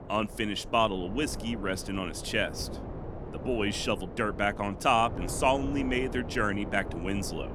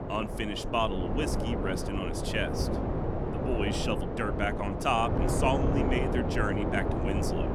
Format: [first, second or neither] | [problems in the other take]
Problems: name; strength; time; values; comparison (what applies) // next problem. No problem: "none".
first | wind noise on the microphone; heavy; 3 dB below the speech; occasional gusts in the first